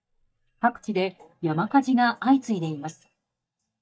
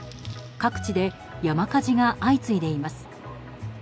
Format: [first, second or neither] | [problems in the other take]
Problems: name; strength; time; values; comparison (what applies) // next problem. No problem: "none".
second | noise reduction (neural mask model DeepFilterNet 3)